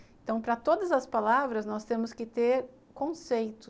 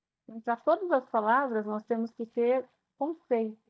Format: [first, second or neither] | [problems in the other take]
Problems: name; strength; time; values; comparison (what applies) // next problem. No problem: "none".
first | noise reduction (neural mask model DeepFilterNet 3)